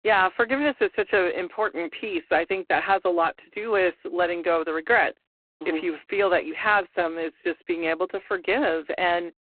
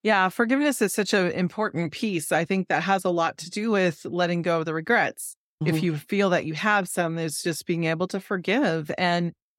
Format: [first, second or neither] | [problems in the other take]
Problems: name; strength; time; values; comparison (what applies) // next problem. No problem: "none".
second | phone-call audio; poor line; nothing above 4 kHz